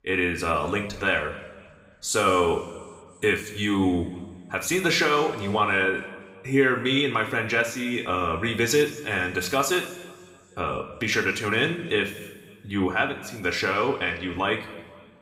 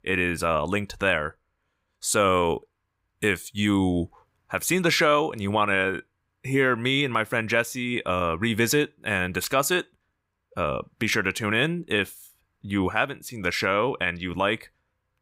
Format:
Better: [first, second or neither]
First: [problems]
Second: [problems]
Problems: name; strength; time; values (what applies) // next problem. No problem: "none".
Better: second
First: room echo; noticeable; dies away in 1.6 s // off-mic speech; somewhat distant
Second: none